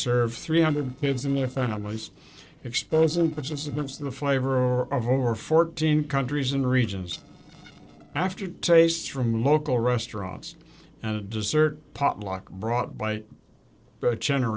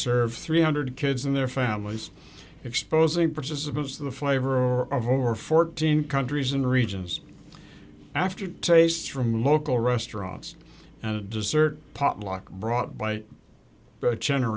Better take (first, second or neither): second